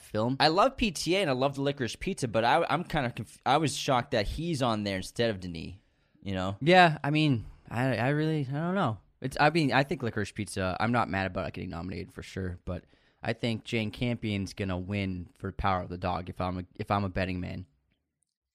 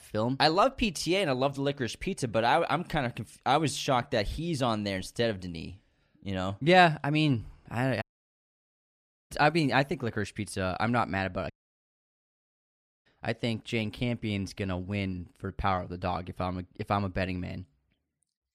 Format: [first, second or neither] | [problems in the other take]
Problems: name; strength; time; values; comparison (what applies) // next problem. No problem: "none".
first | audio cutting out; at 8 s for 1.5 s and at 12 s for 1.5 s